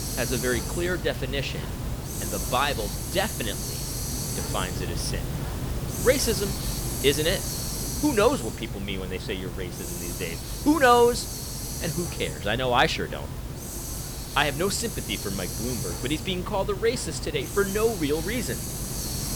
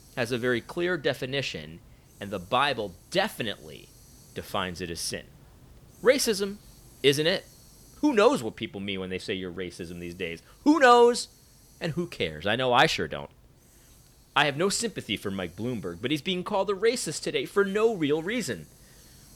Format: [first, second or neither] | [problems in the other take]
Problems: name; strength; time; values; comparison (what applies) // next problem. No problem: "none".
second | hiss; loud; throughout; 5 dB below the speech; faint in the second